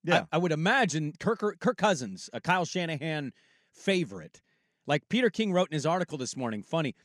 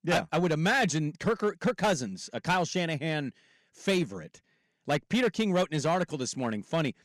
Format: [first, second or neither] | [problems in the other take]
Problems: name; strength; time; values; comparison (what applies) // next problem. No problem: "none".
first | distortion; slight; 6% of the sound clipped